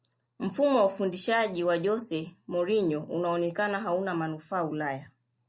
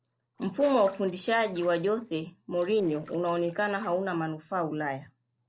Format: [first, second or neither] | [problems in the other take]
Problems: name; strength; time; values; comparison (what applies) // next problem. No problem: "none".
first | noise reduction (neural separator model SepFormer DNS4)